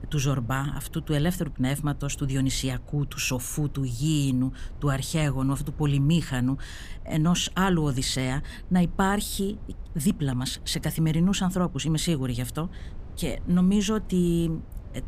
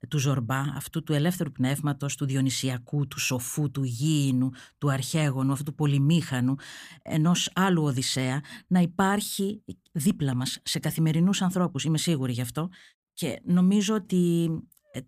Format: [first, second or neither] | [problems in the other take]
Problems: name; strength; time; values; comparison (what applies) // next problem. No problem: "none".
second | low rumble; faint; throughout; 25 dB below the speech